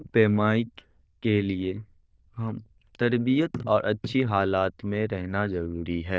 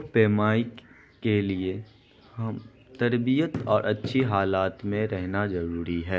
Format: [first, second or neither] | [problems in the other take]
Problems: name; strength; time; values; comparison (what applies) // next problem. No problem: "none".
second | noise reduction (neural diffusion model UNIVERSE++)